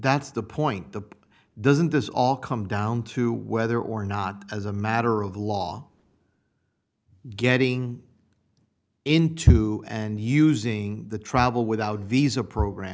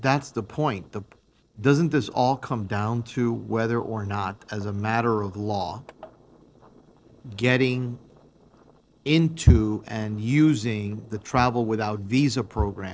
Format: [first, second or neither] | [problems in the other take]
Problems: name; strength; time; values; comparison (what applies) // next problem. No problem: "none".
first | noise reduction (neural separator model SepFormer DNS4)